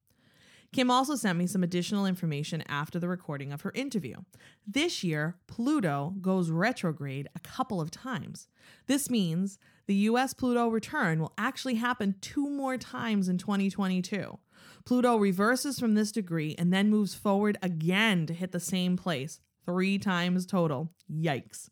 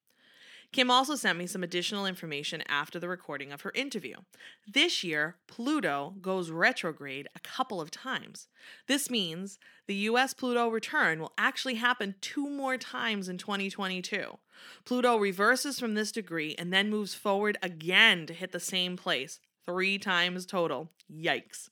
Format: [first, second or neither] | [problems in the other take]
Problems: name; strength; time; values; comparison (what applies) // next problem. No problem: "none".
first | thin; somewhat; fading below 350 Hz